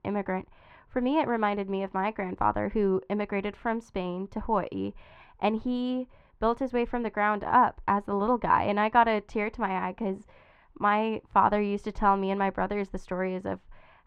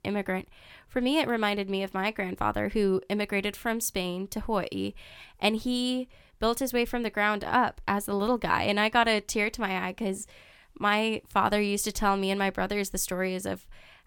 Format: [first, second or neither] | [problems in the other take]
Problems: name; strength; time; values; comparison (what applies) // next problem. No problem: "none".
second | muffled; very; fading above 1.5 kHz